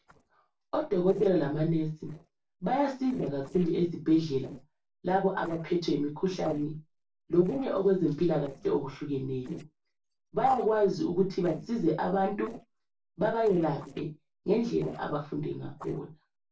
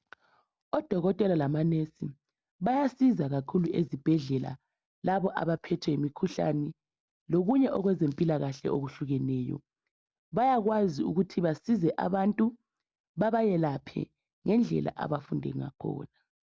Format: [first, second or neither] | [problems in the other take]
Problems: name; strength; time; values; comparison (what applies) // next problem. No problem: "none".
second | noise reduction (neural separator model SepFormer DNS4)